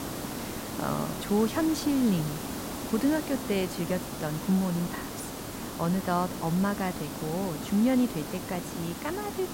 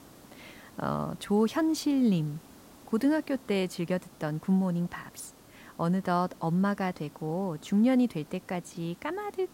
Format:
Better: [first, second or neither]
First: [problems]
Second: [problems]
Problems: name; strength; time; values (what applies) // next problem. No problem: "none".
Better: second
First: hiss; loud; throughout; 7 dB below the speech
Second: hiss; faint; throughout; 25 dB below the speech